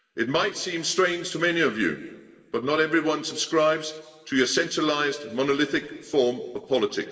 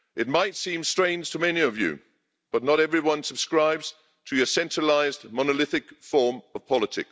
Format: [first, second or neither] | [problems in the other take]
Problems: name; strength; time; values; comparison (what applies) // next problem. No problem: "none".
second | room echo; dies away in 1.4 s